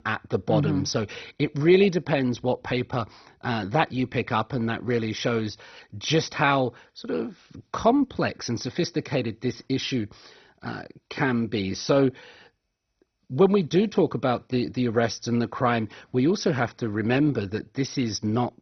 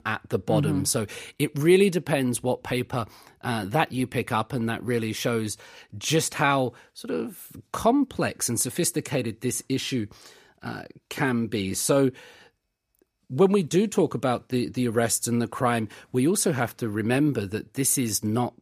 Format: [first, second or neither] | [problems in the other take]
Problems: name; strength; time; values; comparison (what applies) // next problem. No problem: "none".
second | garbled, watery; badly; nothing above 6 kHz